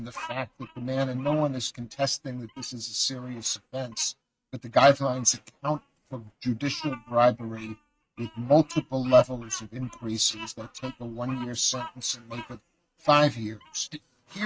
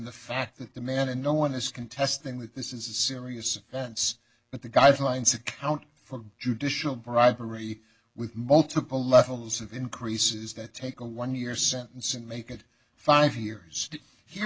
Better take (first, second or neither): second